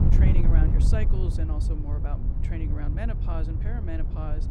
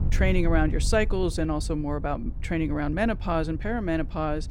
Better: second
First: wind noise on the microphone; heavy; 1 dB below the speech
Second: wind noise on the microphone; occasional gusts; 20 dB below the speech

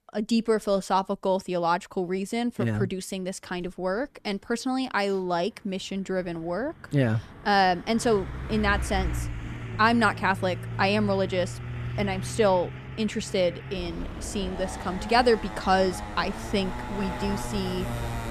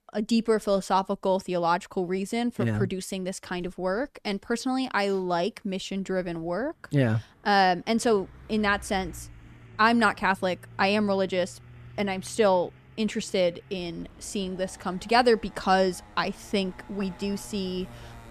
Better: second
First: traffic noise; loud; throughout; 9 dB below the speech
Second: traffic noise; faint; throughout; 20 dB below the speech

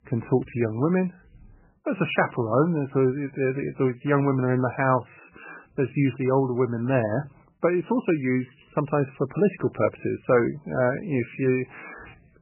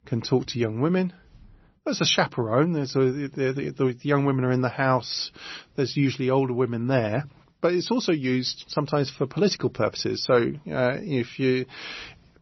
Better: second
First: garbled, watery; badly; nothing above 3 kHz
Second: garbled, watery; slightly; nothing above 6 kHz

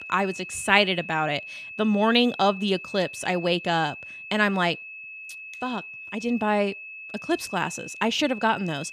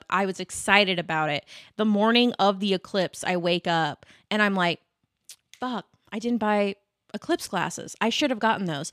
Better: second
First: high-pitched whine; noticeable; throughout; 2.5 kHz, 15 dB below the speech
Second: none

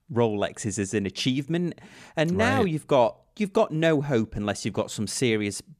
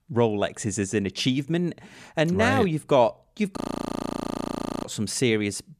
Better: first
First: none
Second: audio freezing; at 3.5 s for 1.5 s

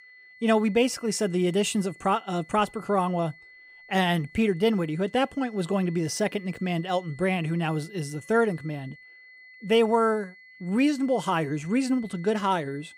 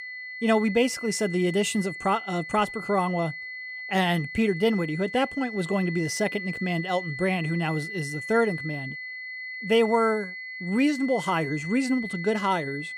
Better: first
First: high-pitched whine; faint; throughout; 2 kHz, 20 dB below the speech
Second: high-pitched whine; loud; throughout; 2 kHz, 9 dB below the speech

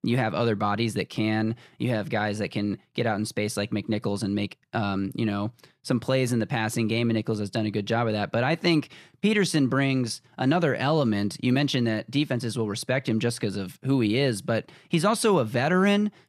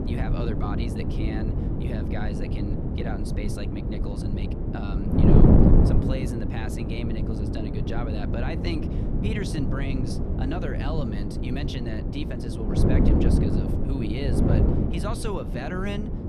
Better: first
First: none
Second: wind noise on the microphone; heavy; 3 dB above the speech

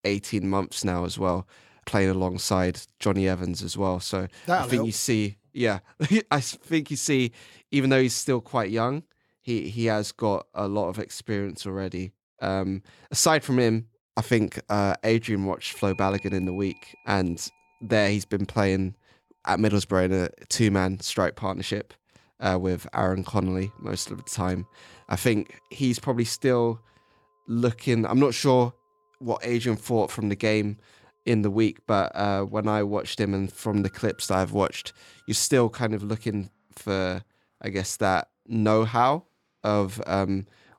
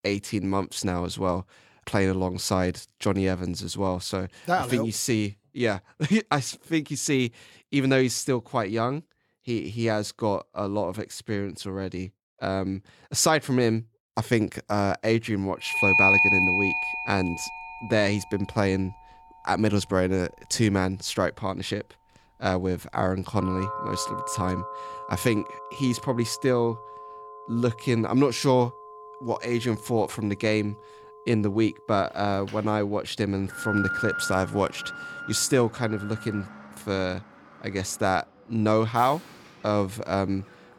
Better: first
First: alarms or sirens; faint; from 16 s on; 25 dB below the speech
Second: alarms or sirens; loud; from 16 s on; as loud as the speech

